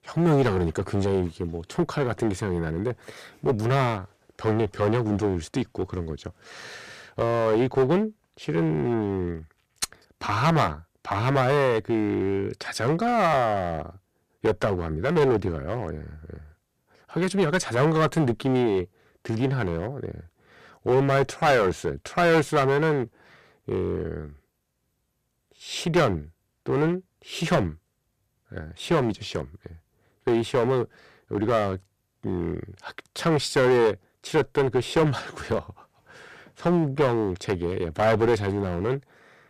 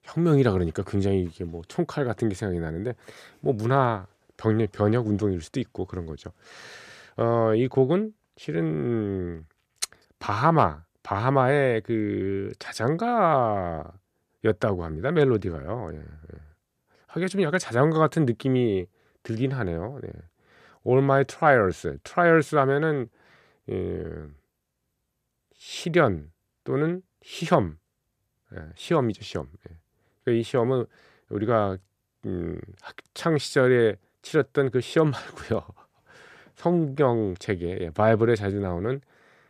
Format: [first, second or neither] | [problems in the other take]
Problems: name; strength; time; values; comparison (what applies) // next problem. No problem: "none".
second | distortion; heavy; 7% of the sound clipped